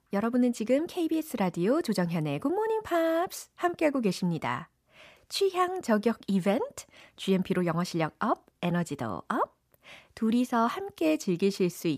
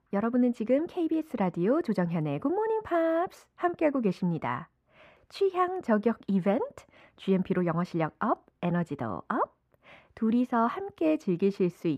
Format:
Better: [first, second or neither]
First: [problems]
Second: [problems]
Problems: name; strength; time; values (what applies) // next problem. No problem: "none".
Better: first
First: none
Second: muffled; slightly; fading above 3.5 kHz